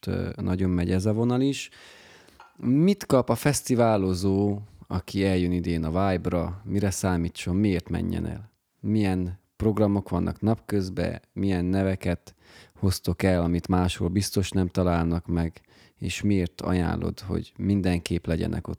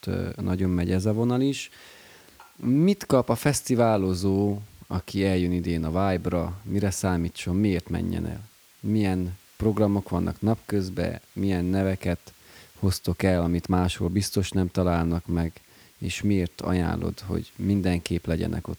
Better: first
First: none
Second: hiss; faint; throughout; 25 dB below the speech

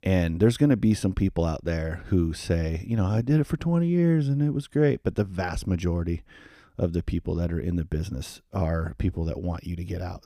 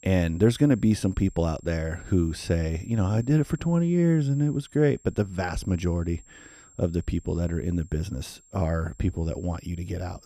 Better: first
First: none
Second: high-pitched whine; faint; throughout; 7.5 kHz, 25 dB below the speech

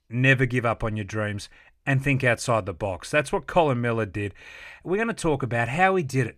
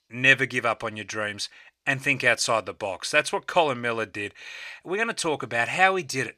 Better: first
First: none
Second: thin; somewhat; fading below 1 kHz

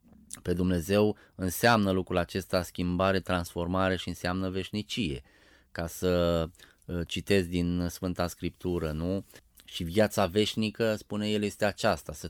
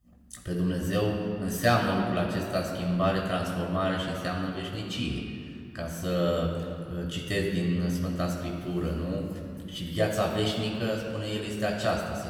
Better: first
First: none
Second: off-mic speech; far // room echo; noticeable; dies away in 2.2 s

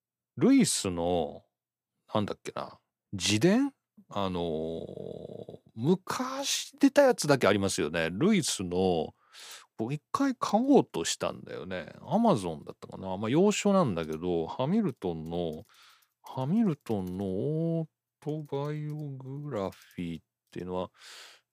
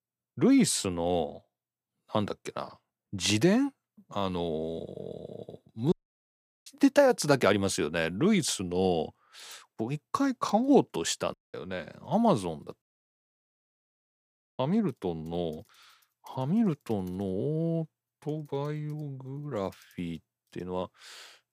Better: first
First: none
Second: audio cutting out; at 6 s for 0.5 s, at 11 s and at 13 s for 2 s

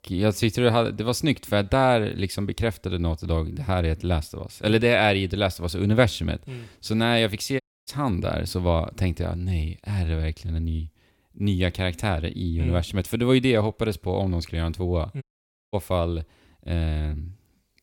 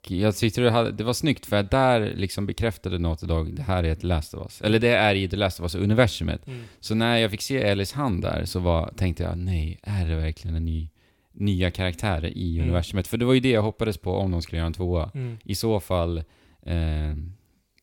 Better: second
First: audio cutting out; at 7.5 s and at 15 s for 0.5 s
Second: none

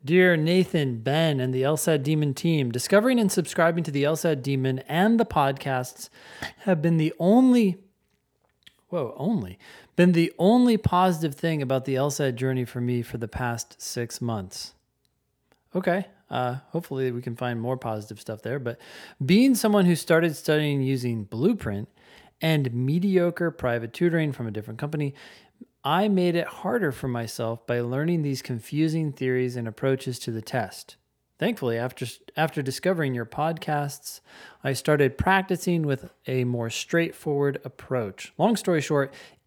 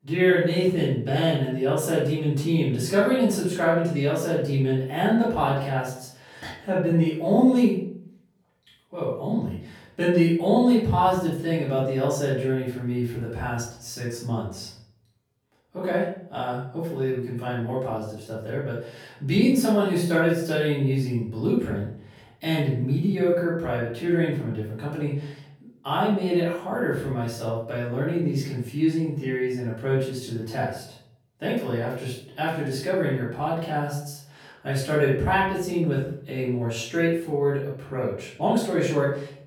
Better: first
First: none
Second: off-mic speech; far // room echo; noticeable; dies away in 0.5 s

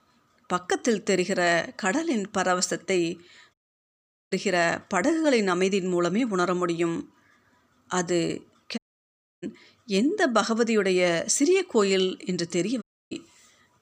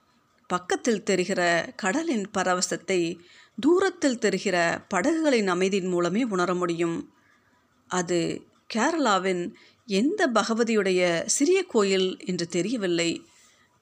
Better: second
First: audio cutting out; at 3.5 s for 1 s, at 9 s for 0.5 s and at 13 s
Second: none

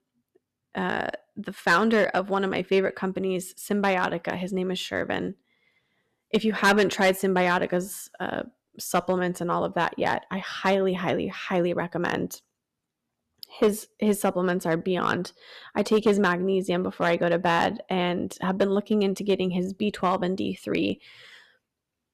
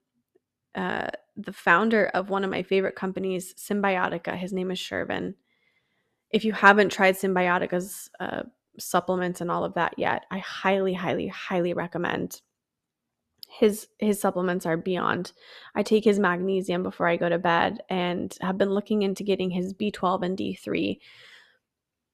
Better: second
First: distortion; slight; 1.4% of the sound clipped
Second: none

